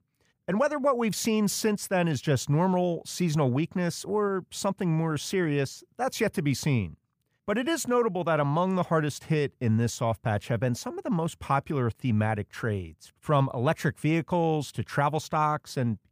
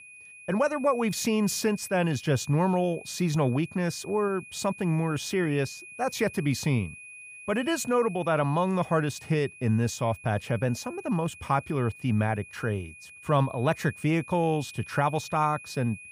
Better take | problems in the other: first | high-pitched whine; noticeable; throughout; 2.5 kHz, 15 dB below the speech

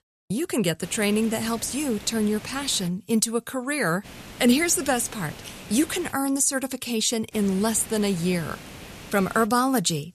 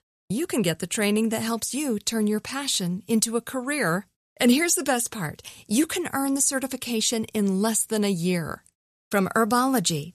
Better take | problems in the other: second | hiss; noticeable; from 1 to 3 s, from 4 to 6 s and from 7.5 to 9.5 s; 15 dB below the speech

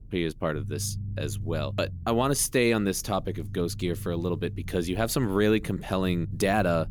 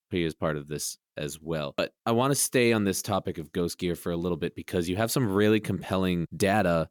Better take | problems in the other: second | low rumble; faint; throughout; 25 dB below the speech

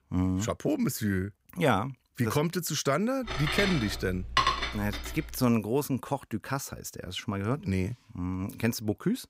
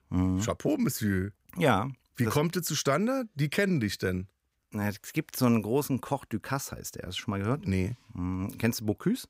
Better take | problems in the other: second | clattering dishes; loud; from 3.5 to 5 s; peak 4 dB above the speech

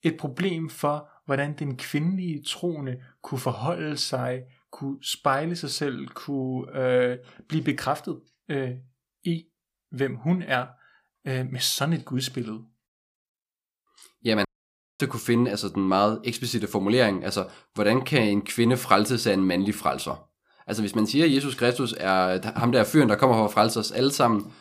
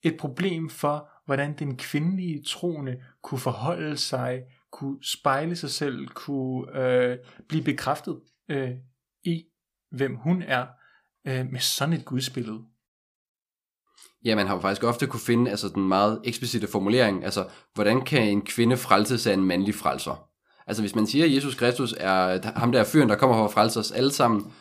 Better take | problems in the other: second | audio cutting out; at 14 s for 0.5 s

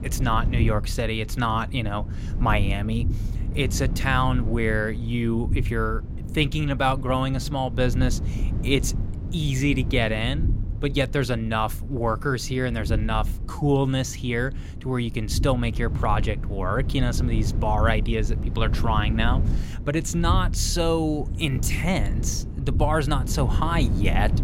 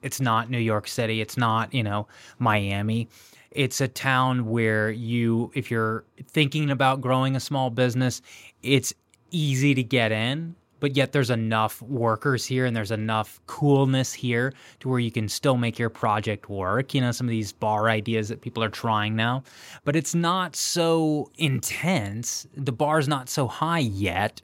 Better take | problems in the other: second | low rumble; noticeable; throughout; 15 dB below the speech

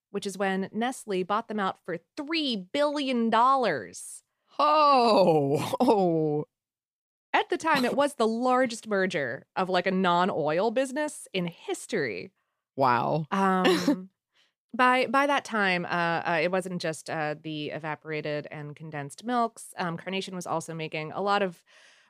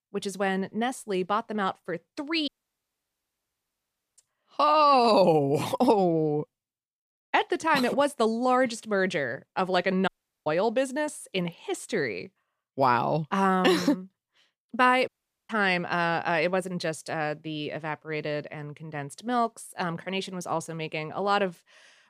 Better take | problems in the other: first | audio cutting out; at 2.5 s for 1.5 s, at 10 s and at 15 s

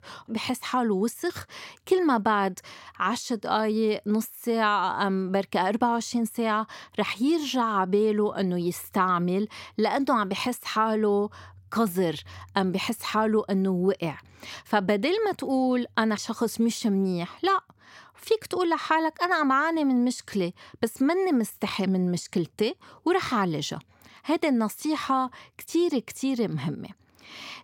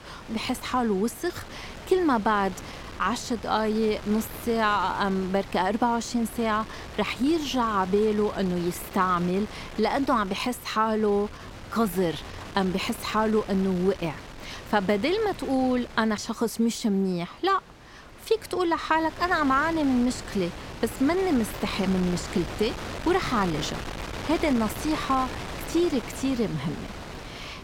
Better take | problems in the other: first | wind noise on the microphone; occasional gusts; 15 dB below the speech

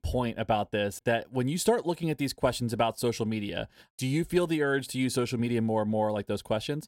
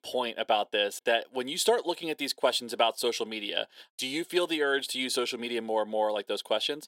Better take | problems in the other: first | thin; somewhat; fading below 350 Hz

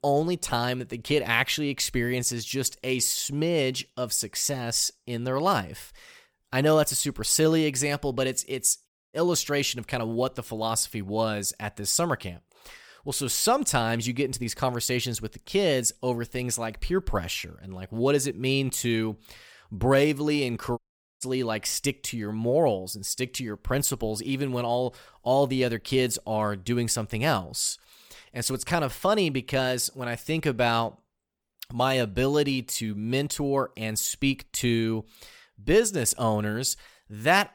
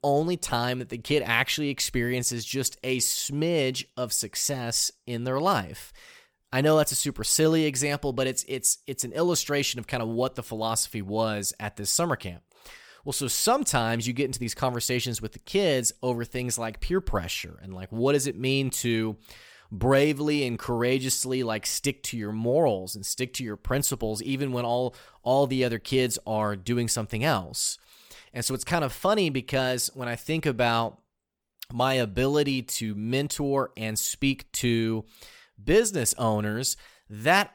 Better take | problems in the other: second | audio cutting out; at 9 s and at 21 s

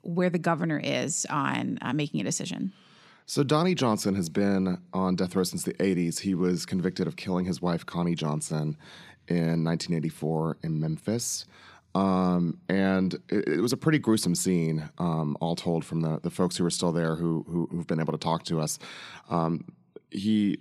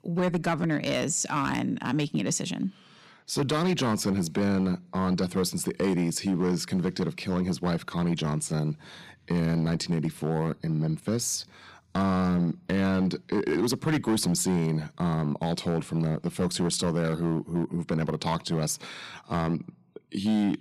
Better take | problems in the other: first | distortion; slight; 6% of the sound clipped

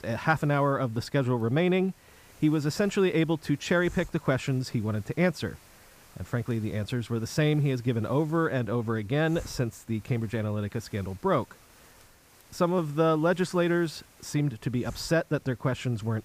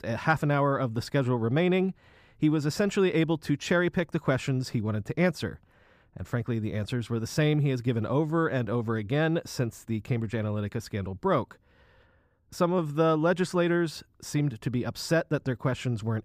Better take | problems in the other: second | hiss; faint; throughout; 25 dB below the speech

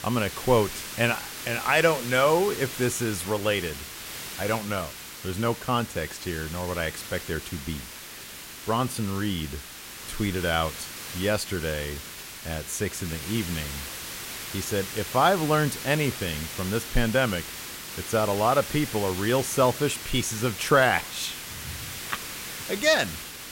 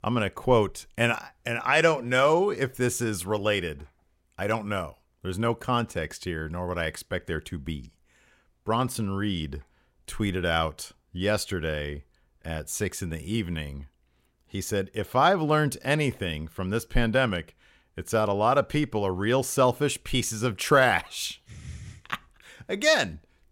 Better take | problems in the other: second | hiss; loud; throughout; 9 dB below the speech

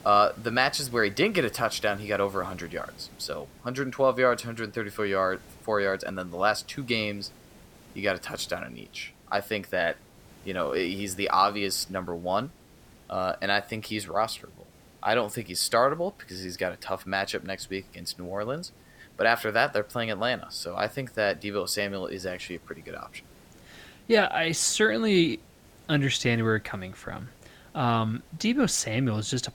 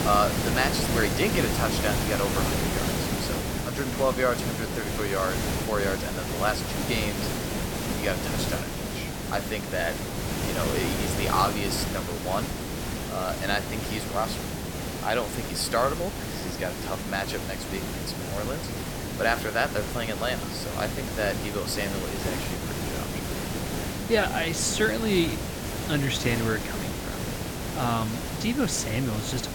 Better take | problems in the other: first | hiss; loud; throughout; 1 dB below the speech; faint in the first

